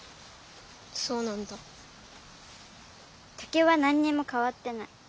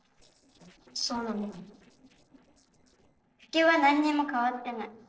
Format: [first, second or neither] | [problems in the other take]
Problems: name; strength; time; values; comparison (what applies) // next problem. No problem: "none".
first | noise reduction (neural separator model SepFormer DNS4)